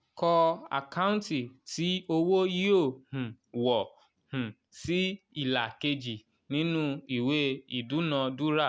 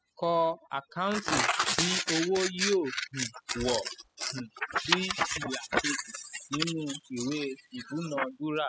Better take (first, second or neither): first